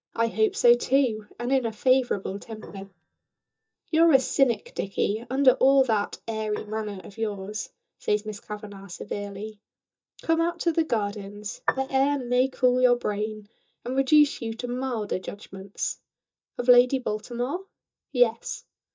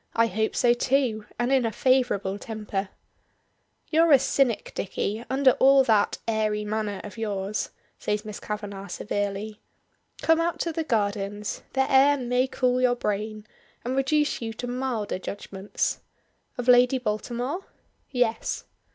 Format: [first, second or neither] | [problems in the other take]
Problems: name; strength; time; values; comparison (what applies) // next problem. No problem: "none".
second | noise reduction (neural mask model DeepFilterNet 3)